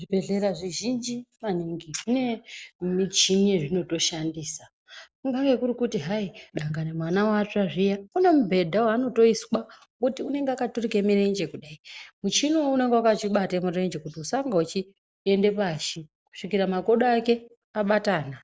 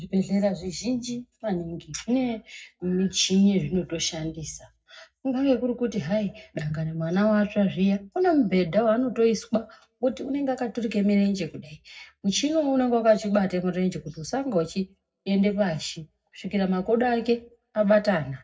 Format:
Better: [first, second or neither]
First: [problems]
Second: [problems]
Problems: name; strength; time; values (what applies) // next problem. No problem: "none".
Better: first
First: none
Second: room echo; dies away in 0.3 s